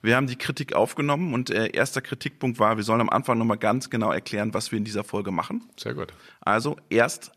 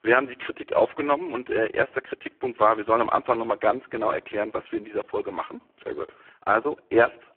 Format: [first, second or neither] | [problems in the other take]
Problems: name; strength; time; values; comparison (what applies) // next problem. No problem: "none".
first | phone-call audio; poor line